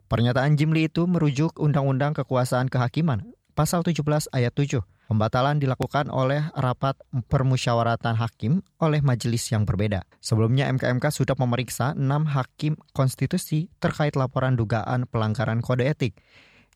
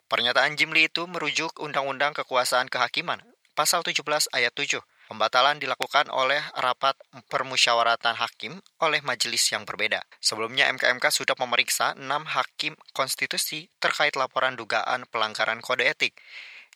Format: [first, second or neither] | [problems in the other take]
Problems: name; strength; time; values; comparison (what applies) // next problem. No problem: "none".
first | thin; very; fading below 800 Hz